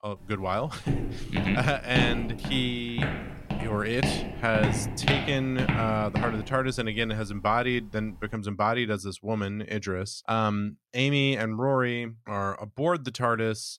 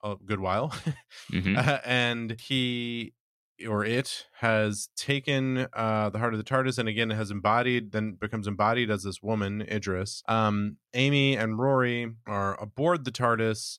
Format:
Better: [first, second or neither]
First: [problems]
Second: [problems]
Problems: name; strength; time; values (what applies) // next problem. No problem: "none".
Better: second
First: footsteps; loud; from 1 to 7 s; peak 1 dB above the speech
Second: none